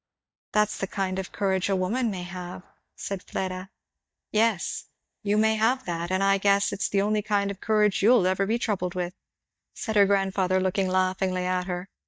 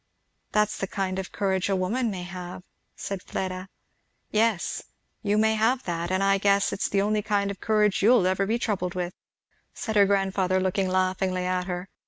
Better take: second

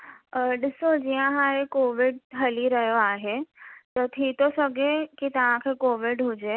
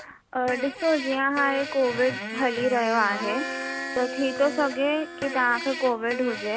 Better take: first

